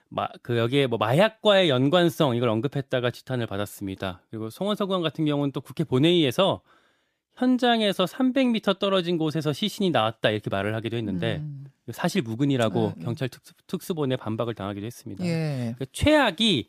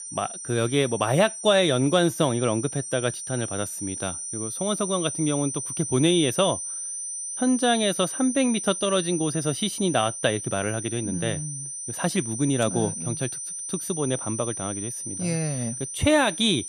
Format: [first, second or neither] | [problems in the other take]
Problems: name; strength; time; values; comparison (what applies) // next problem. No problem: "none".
first | high-pitched whine; loud; throughout; 9 kHz, 6 dB below the speech